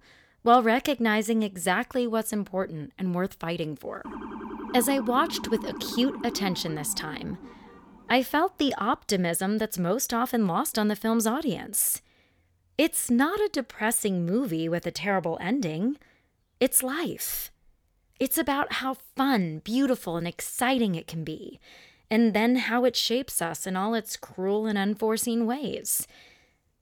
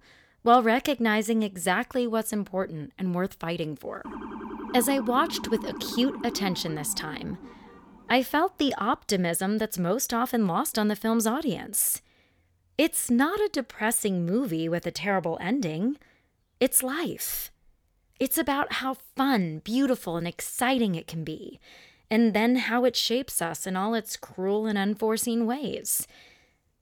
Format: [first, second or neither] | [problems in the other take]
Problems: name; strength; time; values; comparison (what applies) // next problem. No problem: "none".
neither | siren; noticeable; from 4 to 8 s; peak 10 dB below the speech; the same in both